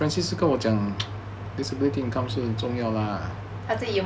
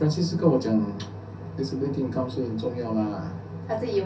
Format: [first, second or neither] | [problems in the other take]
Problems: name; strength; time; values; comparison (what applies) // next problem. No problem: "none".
first | room echo; dies away in 0.3 s